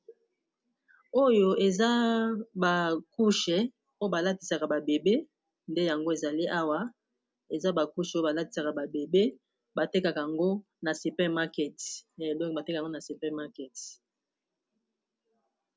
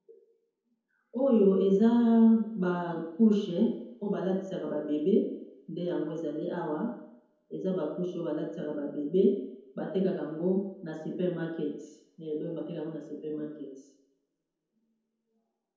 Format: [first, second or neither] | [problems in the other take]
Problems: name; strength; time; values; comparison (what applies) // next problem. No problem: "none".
first | room echo; dies away in 0.9 s